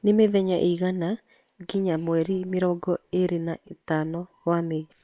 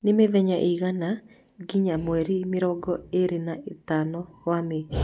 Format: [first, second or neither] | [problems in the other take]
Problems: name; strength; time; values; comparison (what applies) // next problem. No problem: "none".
second | noise reduction (neural separator model SepFormer WHAM!)